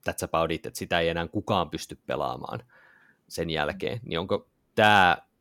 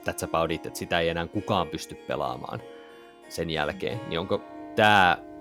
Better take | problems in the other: first | background music; noticeable; throughout; 20 dB below the speech

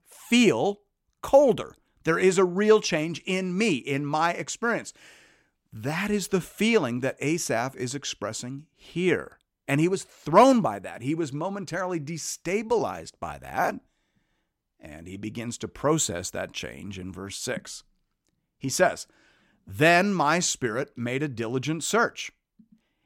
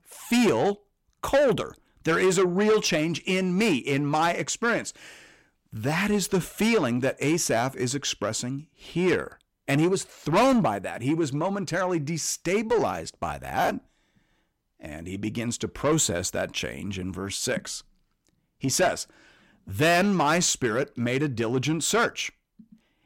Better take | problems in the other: first | distortion; heavy; 8 dB below the speech

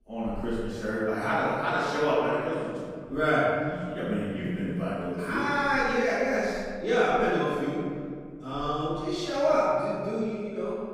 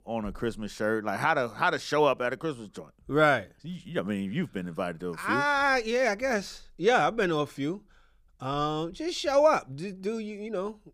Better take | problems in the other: second | off-mic speech; far // room echo; strong; dies away in 1.8 s

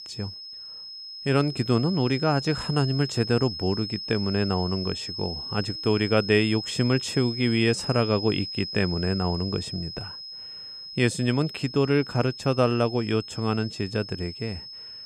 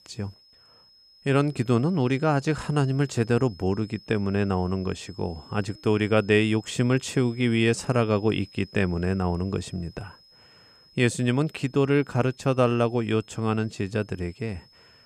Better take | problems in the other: second | high-pitched whine; loud; throughout; 5 kHz, 8 dB below the speech; faint in the second

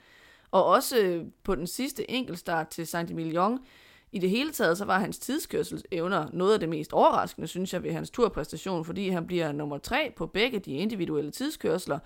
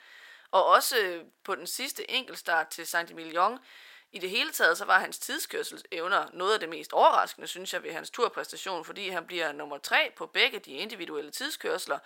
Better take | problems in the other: first | thin; very; fading below 650 Hz

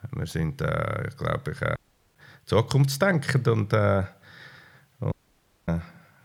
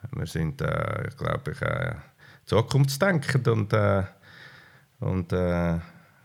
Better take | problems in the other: second | audio cutting out; at 2 s and at 5 s for 0.5 s

